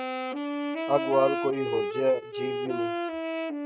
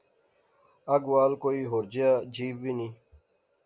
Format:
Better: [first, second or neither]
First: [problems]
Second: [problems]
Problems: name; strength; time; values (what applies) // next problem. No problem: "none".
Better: second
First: noise reduction (neural mask model RNNoise)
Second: none